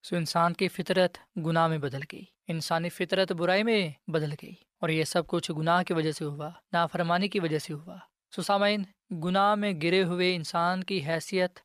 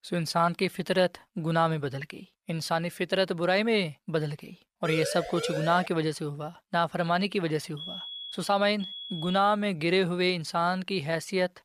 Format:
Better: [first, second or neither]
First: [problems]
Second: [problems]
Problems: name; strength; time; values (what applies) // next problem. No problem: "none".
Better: first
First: none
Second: siren; noticeable; from 5 to 6 s; peak 5 dB below the speech // alarm; noticeable; from 8 to 9.5 s; peak 8 dB below the speech